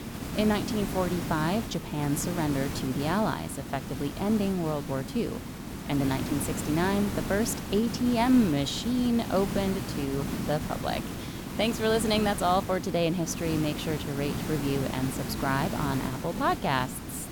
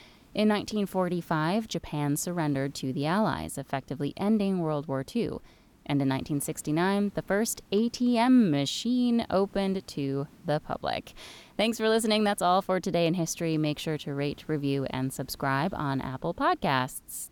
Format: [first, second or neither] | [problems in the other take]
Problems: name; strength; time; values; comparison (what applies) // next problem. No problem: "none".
second | hiss; loud; throughout; 6 dB below the speech; faint in the second